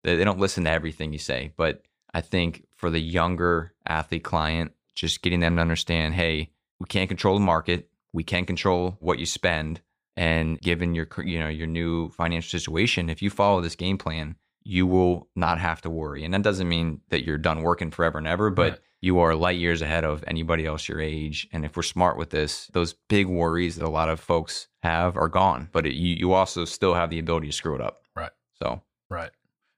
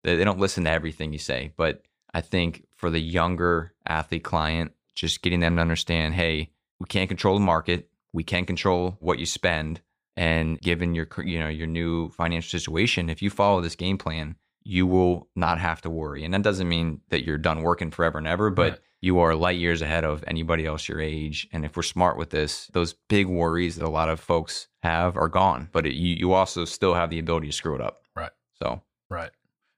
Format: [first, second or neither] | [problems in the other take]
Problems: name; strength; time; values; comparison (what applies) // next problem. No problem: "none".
neither | none